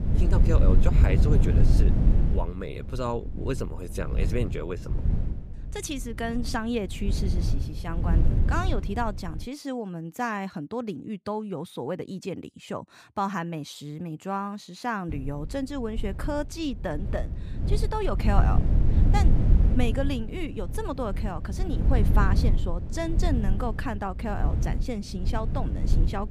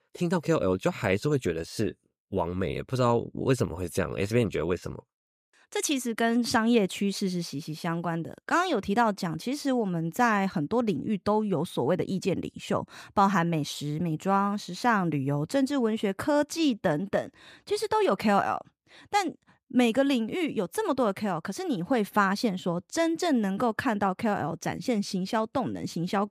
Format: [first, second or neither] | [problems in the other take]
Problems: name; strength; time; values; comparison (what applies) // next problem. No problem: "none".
second | wind noise on the microphone; heavy; until 9.5 s and from 15 s on; 7 dB below the speech